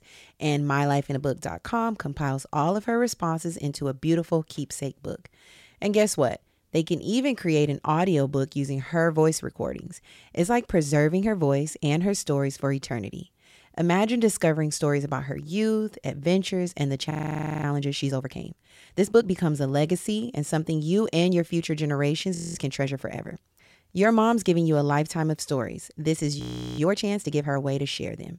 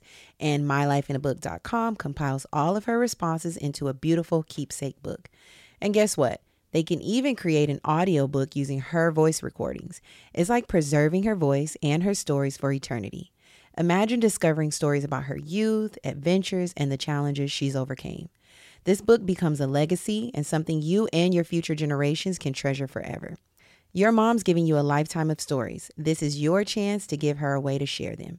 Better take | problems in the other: second | audio freezing; at 17 s for 0.5 s, at 22 s and at 26 s

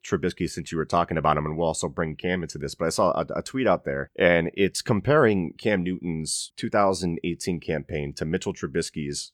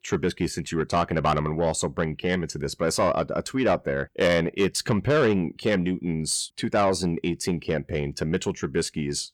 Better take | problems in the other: first | distortion; slight; 10 dB below the speech

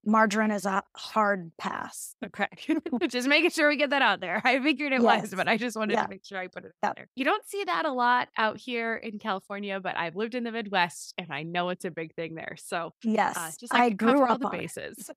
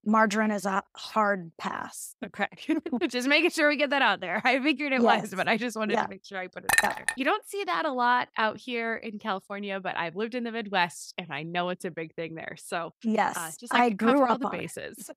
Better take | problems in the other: first | clattering dishes; loud; at 6.5 s; peak 3 dB above the speech

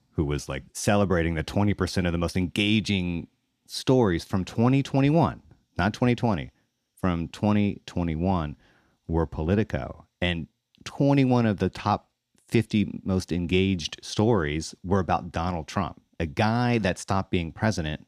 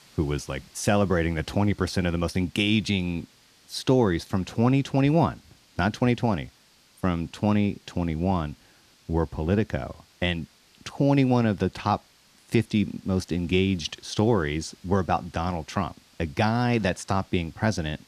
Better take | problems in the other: first | hiss; faint; throughout; 30 dB below the speech

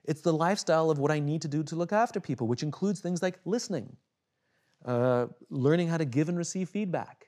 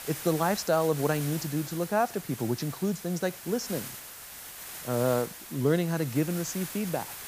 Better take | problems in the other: first | hiss; loud; throughout; 10 dB below the speech

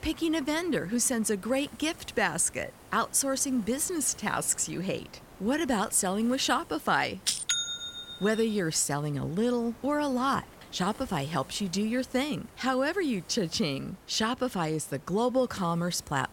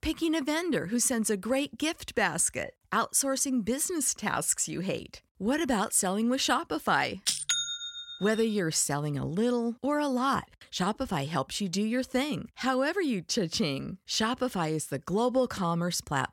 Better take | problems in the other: second | hiss; faint; throughout; 20 dB below the speech

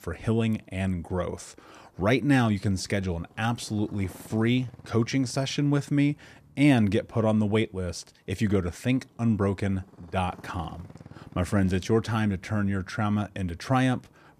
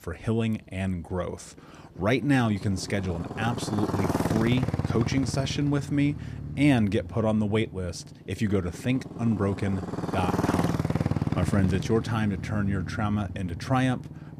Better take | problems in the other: first | traffic noise; loud; throughout; 4 dB below the speech; faint in the first

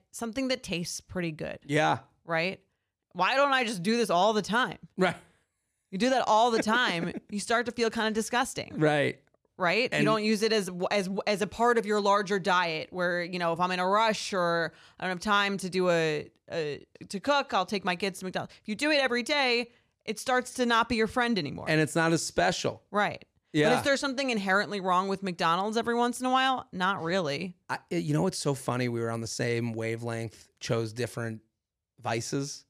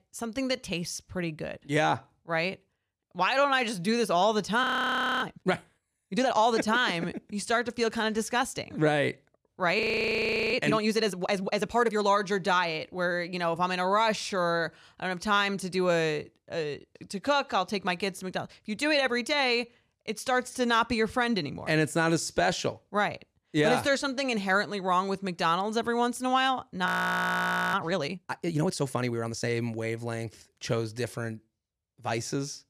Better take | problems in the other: first | audio freezing; at 4.5 s for 0.5 s, at 10 s for 0.5 s and at 27 s for 1 s

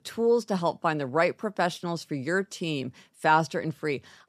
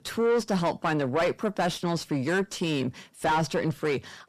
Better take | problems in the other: first | distortion; heavy; 6 dB below the speech

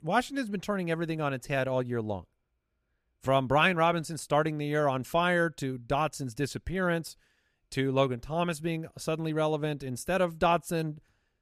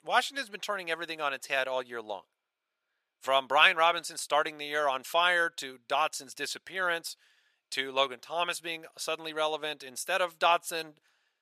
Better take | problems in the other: first | thin; very; fading below 750 Hz

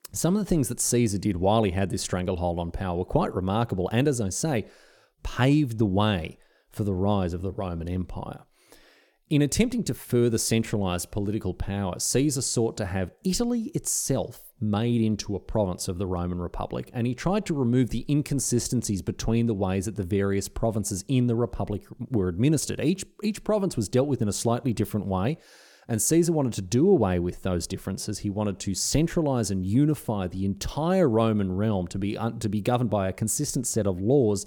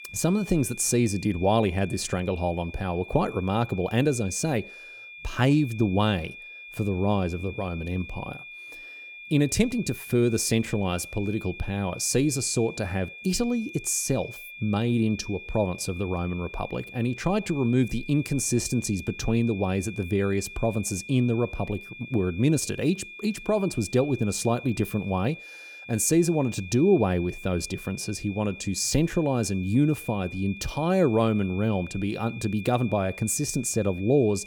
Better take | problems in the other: first | high-pitched whine; noticeable; throughout; 2.5 kHz, 15 dB below the speech

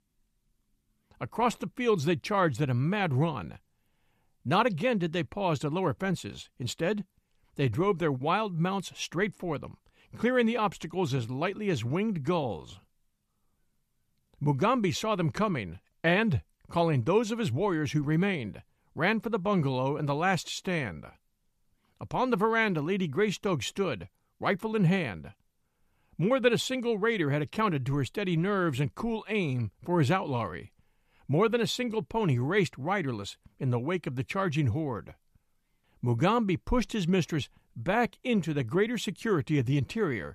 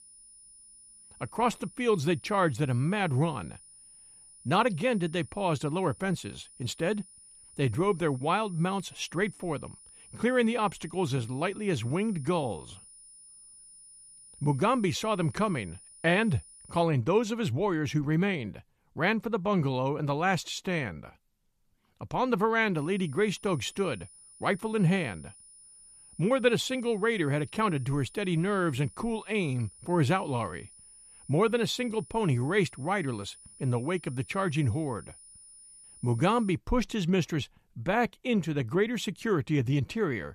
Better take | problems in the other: first | high-pitched whine; faint; until 17 s and from 23 to 37 s; 9.5 kHz, 20 dB below the speech

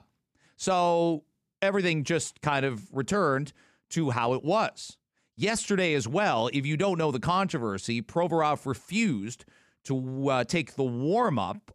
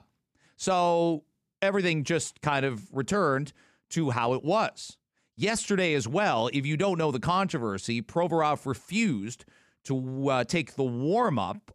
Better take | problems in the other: neither | none

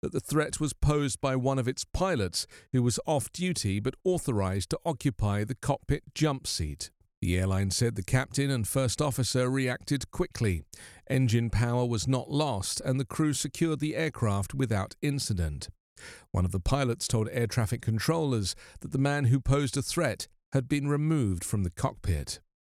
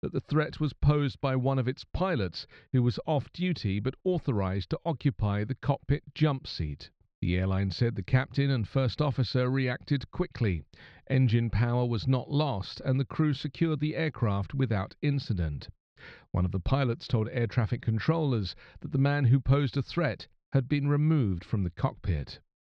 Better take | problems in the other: first | muffled; very slightly; fading above 4 kHz

